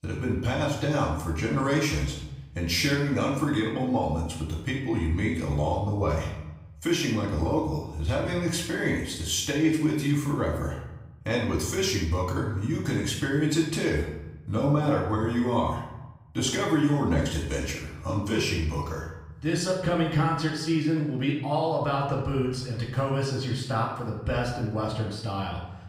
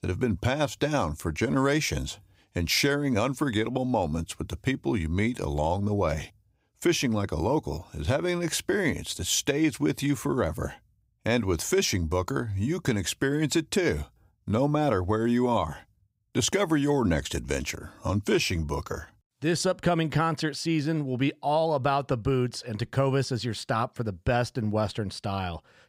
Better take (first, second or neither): second